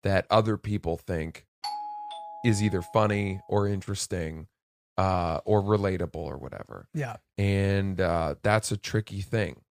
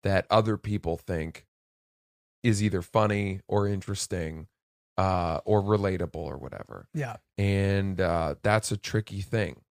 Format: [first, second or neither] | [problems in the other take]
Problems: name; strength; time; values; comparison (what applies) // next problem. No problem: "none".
second | doorbell; noticeable; from 1.5 to 3 s; peak 7 dB below the speech